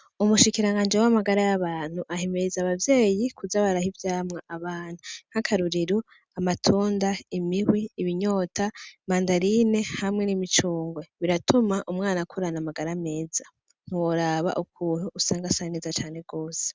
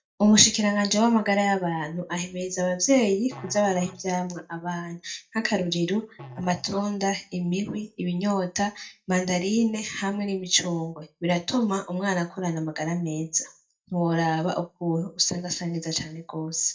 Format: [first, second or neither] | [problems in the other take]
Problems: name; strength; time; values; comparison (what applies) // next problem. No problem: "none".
first | noise reduction (neural mask model DeepFilterNet 3)